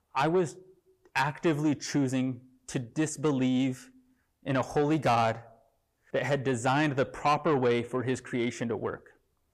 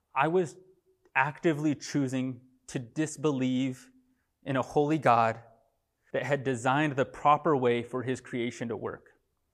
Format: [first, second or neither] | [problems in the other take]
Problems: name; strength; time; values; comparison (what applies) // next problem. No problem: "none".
second | distortion; slight; 10 dB below the speech